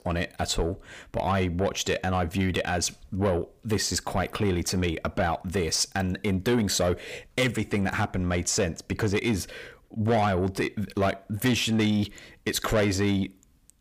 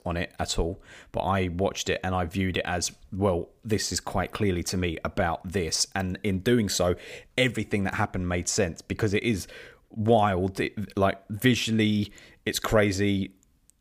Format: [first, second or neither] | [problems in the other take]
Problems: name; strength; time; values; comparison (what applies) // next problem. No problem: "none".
second | distortion; slight; 10 dB below the speech